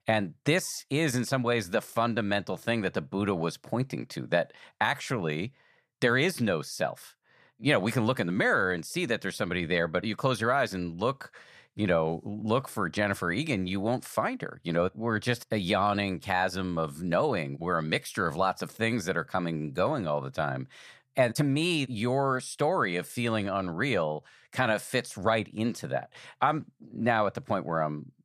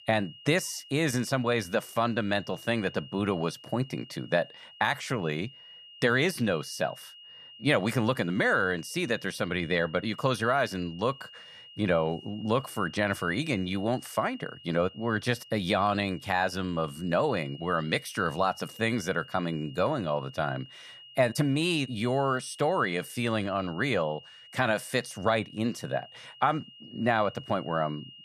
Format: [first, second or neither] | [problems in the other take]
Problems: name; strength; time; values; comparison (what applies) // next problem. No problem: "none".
first | high-pitched whine; noticeable; throughout; 3 kHz, 20 dB below the speech